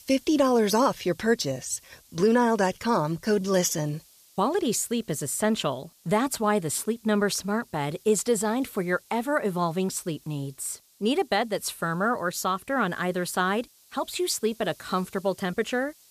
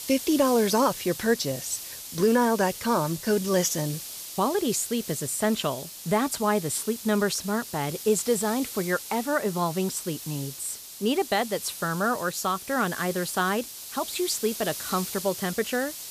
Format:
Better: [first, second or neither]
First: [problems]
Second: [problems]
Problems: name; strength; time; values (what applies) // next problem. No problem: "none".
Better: first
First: hiss; faint; throughout; 30 dB below the speech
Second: hiss; loud; throughout; 9 dB below the speech